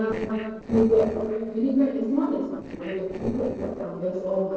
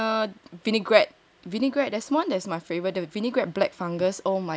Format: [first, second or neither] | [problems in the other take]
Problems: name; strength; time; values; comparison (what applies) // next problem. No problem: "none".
second | noise reduction (neural separator model SepFormer DNS4)